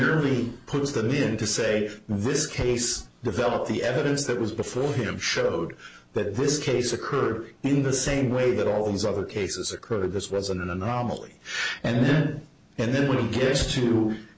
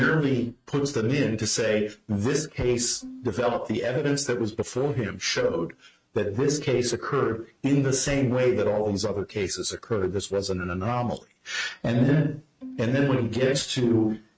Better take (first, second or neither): first